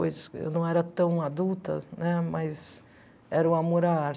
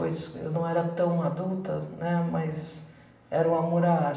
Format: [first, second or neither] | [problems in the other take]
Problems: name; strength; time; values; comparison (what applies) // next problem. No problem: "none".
first | room echo; dies away in 0.8 s